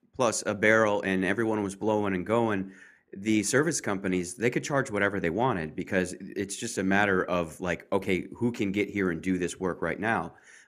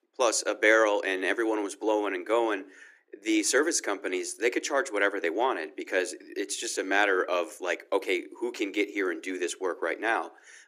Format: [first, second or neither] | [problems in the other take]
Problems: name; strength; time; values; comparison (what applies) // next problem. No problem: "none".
first | thin; somewhat; fading below 300 Hz